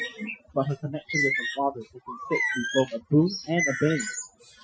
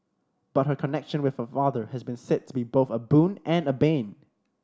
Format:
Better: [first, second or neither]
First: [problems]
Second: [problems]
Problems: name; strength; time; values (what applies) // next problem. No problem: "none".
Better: second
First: noise reduction (classical method Wiener filter)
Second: none